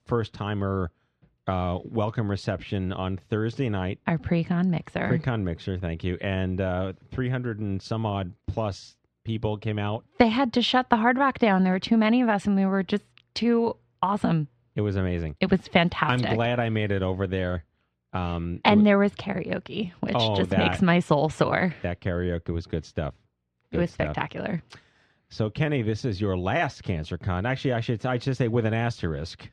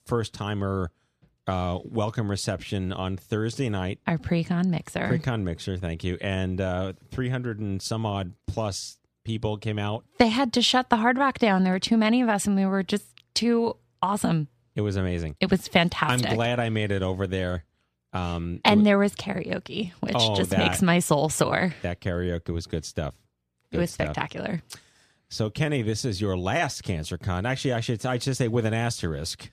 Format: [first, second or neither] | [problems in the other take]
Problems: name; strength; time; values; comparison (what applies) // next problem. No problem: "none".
second | muffled; slightly; fading above 3 kHz